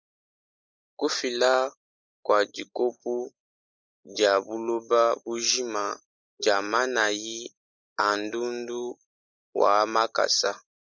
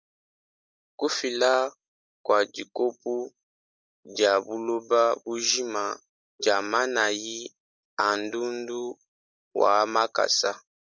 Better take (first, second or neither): second